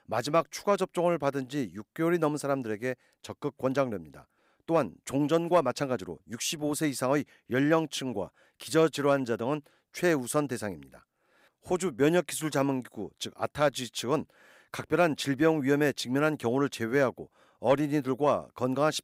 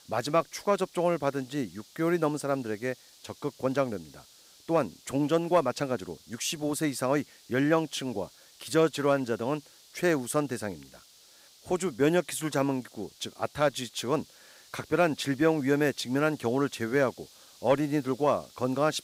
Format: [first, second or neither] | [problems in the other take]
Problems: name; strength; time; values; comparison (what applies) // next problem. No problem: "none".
first | hiss; faint; throughout; 25 dB below the speech